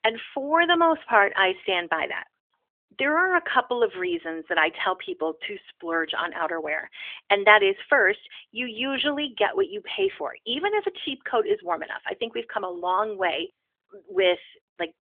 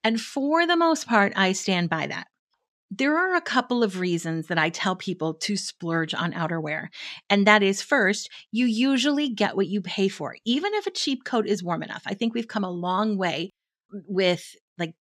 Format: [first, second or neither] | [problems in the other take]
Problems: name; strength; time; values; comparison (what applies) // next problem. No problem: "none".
second | phone-call audio; nothing above 3.5 kHz